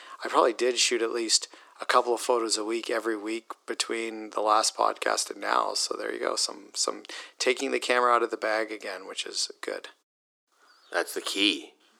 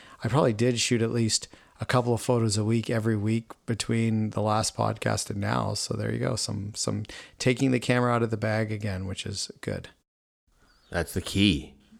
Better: second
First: thin; very; fading below 350 Hz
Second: none

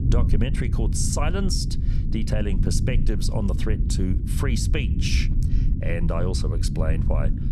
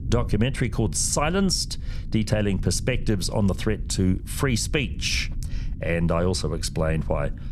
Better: second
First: low rumble; loud; throughout; 7 dB below the speech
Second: low rumble; faint; throughout; 20 dB below the speech

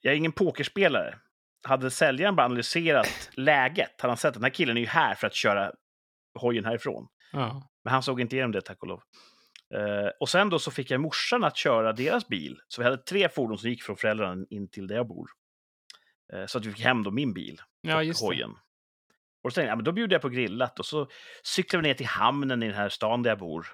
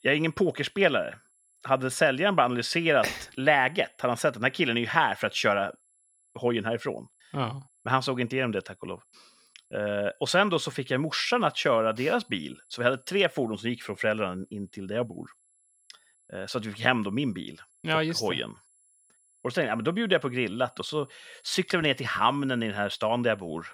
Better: first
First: none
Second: high-pitched whine; faint; throughout; 11 kHz, 35 dB below the speech

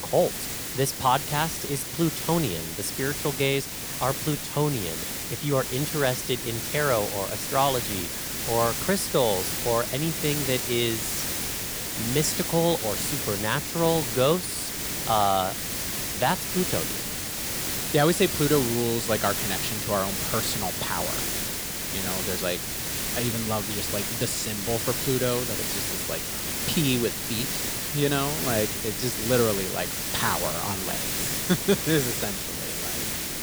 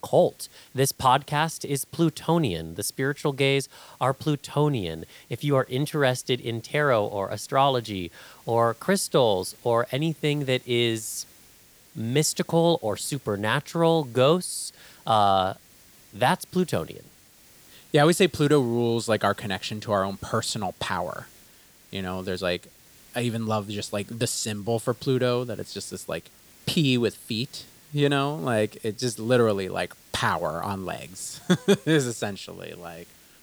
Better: second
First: hiss; loud; throughout; 1 dB below the speech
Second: hiss; faint; throughout; 25 dB below the speech

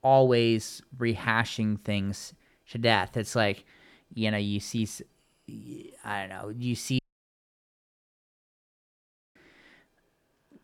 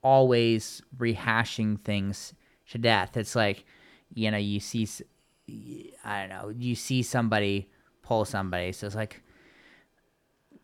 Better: second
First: audio cutting out; at 7 s for 2.5 s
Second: none

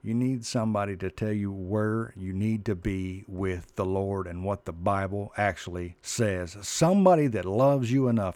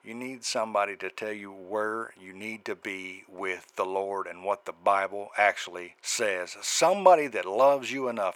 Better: first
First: none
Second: thin; very; fading below 600 Hz

